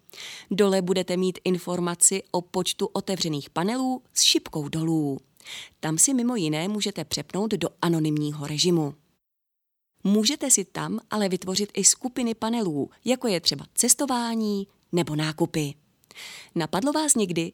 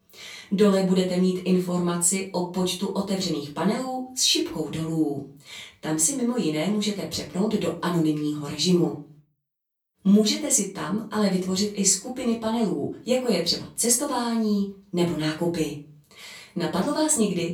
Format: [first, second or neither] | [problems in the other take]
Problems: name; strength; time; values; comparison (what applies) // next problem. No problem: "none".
first | off-mic speech; far // room echo; slight; dies away in 0.3 s